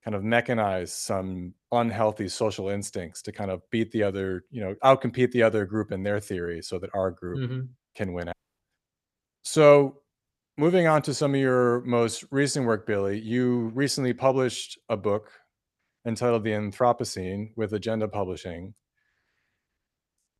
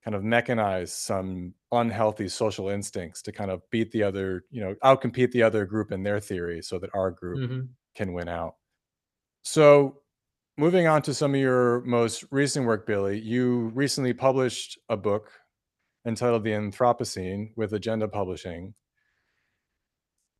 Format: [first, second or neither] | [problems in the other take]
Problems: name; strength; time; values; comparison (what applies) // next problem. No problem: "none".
second | audio cutting out; at 8.5 s